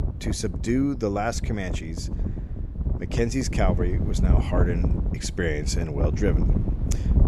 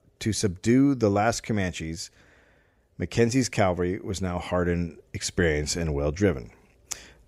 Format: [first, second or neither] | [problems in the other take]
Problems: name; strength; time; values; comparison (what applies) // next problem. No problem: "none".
second | wind noise on the microphone; heavy; 8 dB below the speech